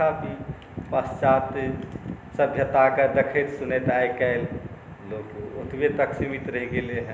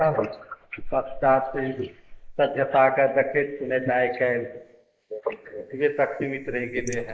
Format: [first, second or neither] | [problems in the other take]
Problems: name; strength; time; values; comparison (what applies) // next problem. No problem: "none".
first | noise reduction (neural mask model Resemble Enhance denoiser)